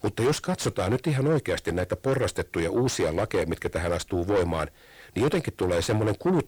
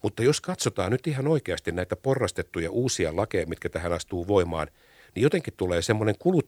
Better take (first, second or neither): second